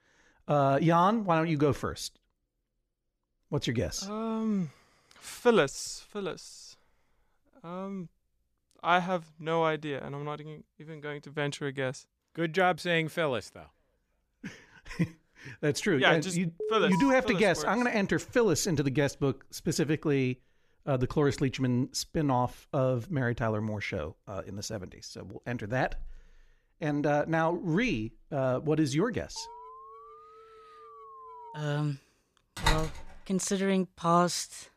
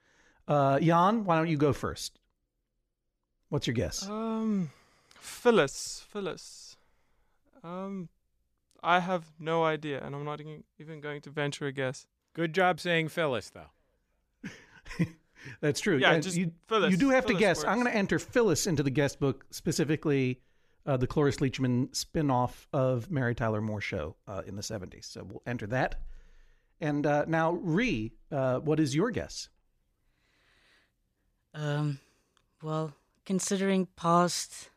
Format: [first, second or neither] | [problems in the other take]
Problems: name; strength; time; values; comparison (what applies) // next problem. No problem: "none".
second | alarm; noticeable; at 17 s; peak 4 dB below the speech // alarm; faint; from 29 to 32 s; peak 15 dB below the speech // door banging; noticeable; at 33 s; peak 1 dB below the speech